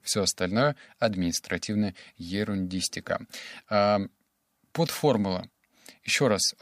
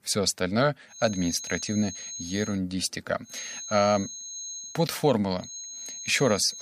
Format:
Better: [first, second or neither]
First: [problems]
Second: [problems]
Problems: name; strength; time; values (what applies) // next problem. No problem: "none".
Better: first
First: none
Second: high-pitched whine; loud; from 1 to 2.5 s, from 3.5 to 4.5 s and from 5.5 s on; 6.5 kHz, 10 dB below the speech